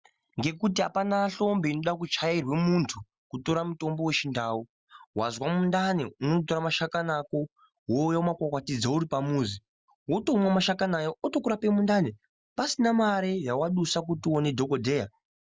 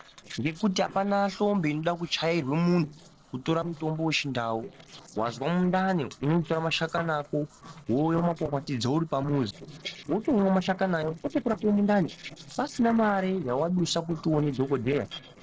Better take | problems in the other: first | noise reduction (neural separator model SepFormer DNS4)

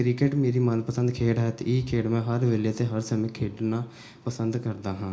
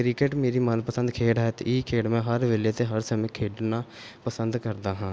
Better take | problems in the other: second | room echo; dies away in 0.4 s

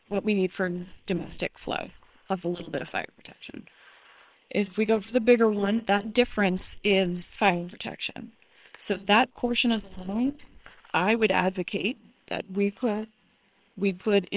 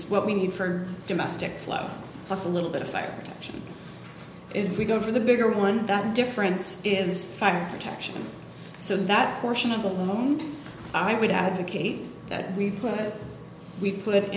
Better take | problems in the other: second | noise reduction (neural separator model SepFormer WHAM!)

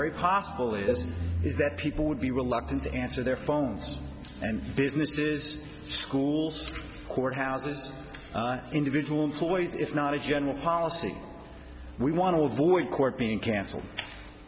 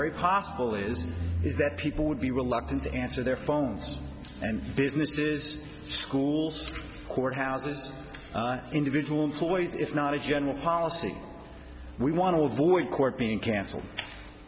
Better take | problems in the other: second | background sound (Cowbell); 9 dB below the speech

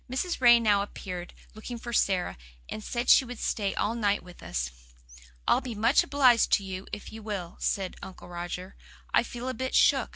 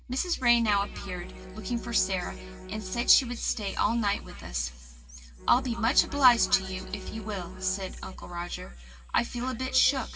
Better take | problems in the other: first | background sound (Bowed string instrument); 17 dB below the speech // room echo; dies away in 2.5 s

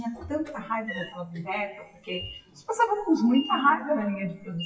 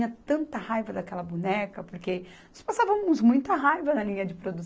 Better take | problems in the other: second | noise reduction (classical method WPE with log-MMSE)

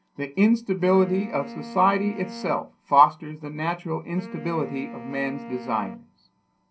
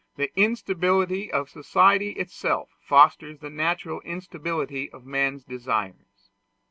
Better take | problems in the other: second | background sound (Wind instrument, woodwind instrument); 15 dB below the speech // room echo; dies away in 0.3 s

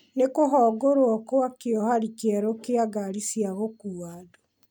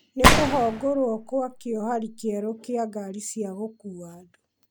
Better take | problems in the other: first | background sound (Gunshot, gunfire); 4 dB above the speech

